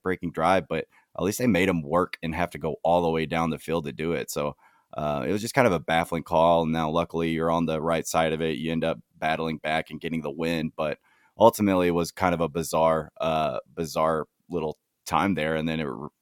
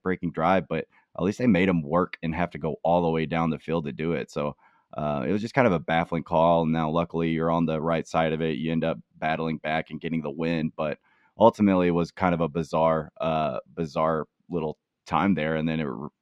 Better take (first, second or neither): first